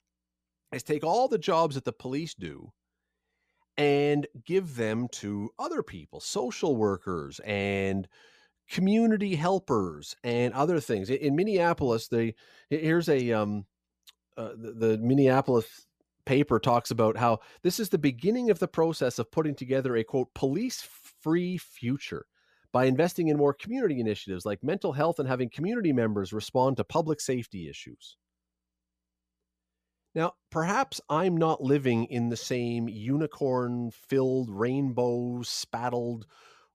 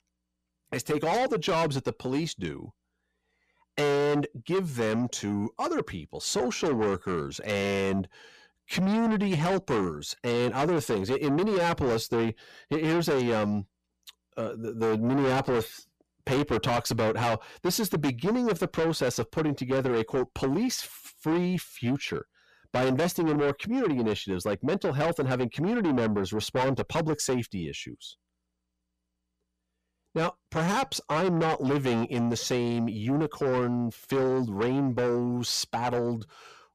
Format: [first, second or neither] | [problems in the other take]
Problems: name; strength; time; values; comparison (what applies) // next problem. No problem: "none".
first | distortion; heavy; 7 dB below the speech